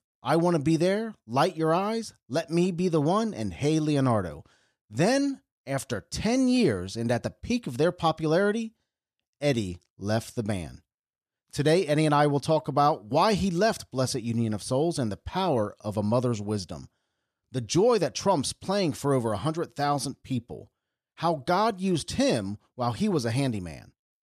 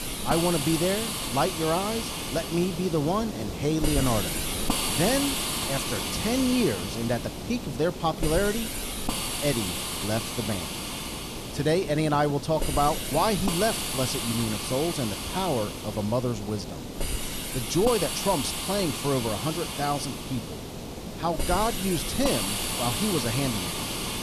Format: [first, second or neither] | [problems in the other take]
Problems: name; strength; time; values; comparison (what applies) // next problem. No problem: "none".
first | hiss; loud; throughout; 2 dB below the speech